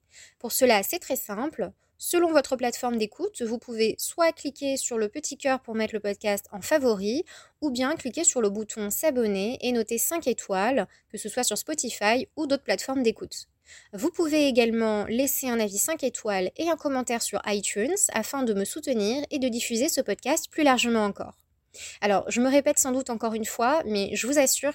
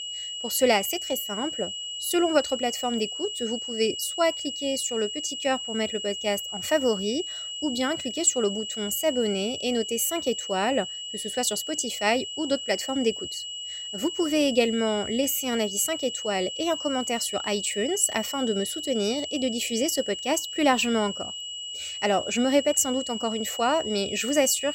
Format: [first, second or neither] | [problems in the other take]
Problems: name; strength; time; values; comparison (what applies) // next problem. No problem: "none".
first | high-pitched whine; loud; throughout; 3 kHz, 6 dB below the speech